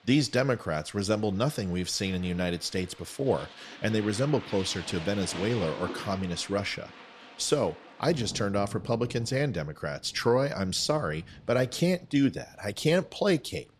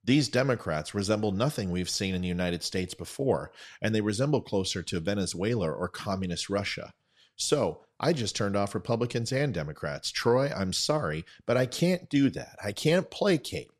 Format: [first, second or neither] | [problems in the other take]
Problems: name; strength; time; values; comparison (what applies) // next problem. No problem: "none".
second | rain or running water; noticeable; throughout; 15 dB below the speech